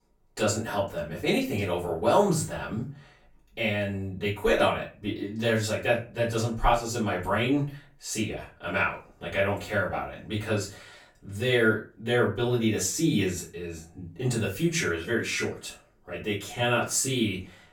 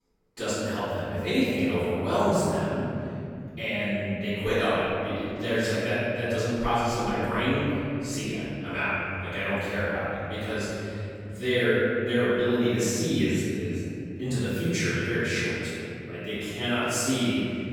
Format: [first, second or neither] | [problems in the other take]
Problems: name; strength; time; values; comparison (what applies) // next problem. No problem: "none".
first | room echo; strong; dies away in 2.9 s; slight in the first // off-mic speech; far; far in the first